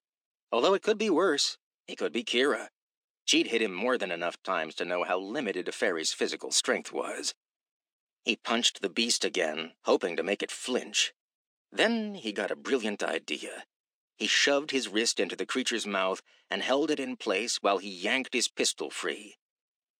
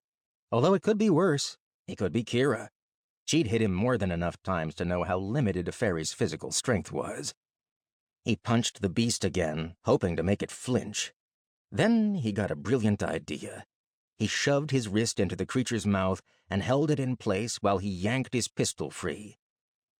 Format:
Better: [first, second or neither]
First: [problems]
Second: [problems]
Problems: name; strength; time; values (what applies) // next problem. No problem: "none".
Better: second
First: thin; somewhat; fading below 250 Hz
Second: none